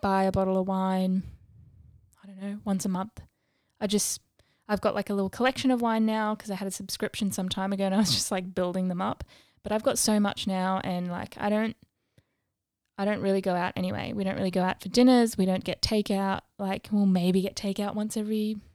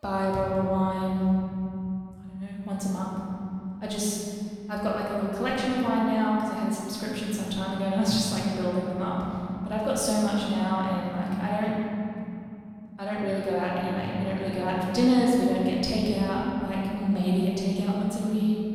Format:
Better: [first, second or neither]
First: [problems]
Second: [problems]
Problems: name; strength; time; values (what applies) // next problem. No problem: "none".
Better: first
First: none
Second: room echo; strong; dies away in 3 s // off-mic speech; far